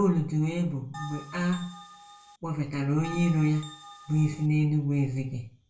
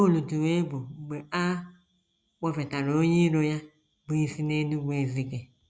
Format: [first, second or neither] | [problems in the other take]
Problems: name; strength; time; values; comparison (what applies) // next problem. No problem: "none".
second | background sound (Bell); 17 dB below the speech // room echo; dies away in 0.3 s